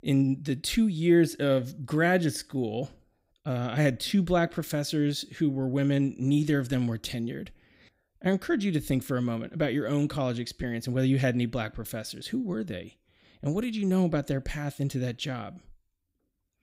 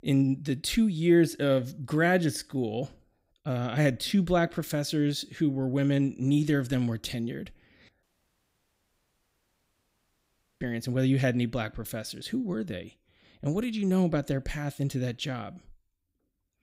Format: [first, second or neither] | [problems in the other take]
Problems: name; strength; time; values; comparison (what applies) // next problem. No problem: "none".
first | audio cutting out; at 8 s for 2.5 s